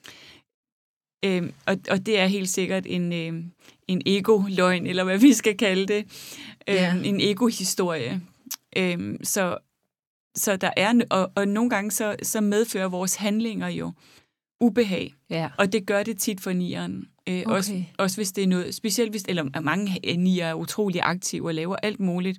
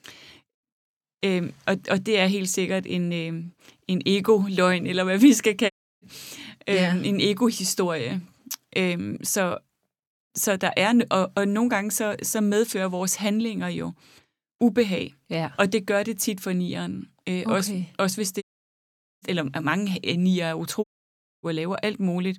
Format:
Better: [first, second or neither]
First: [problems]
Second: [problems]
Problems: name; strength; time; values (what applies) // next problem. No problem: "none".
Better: first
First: none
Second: audio cutting out; at 5.5 s, at 18 s for 1 s and at 21 s for 0.5 s